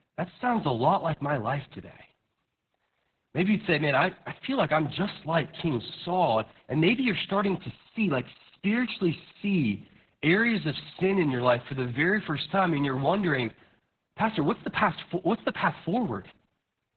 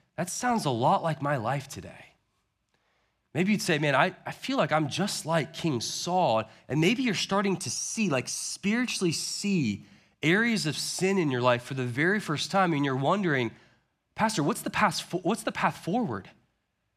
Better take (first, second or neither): second